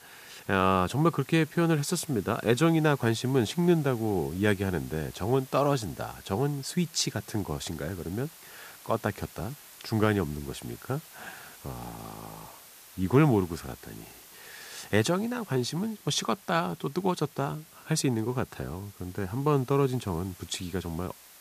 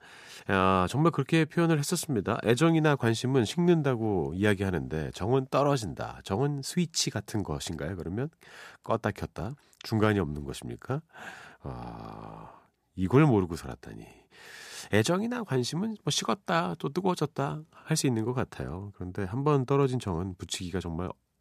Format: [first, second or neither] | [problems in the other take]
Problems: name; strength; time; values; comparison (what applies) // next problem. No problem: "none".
second | hiss; faint; throughout; 20 dB below the speech